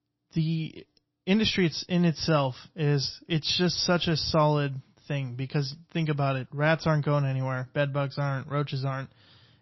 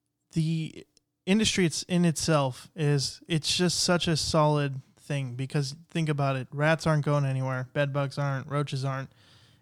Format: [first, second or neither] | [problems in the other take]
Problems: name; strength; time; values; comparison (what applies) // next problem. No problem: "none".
second | garbled, watery; slightly; nothing above 5.5 kHz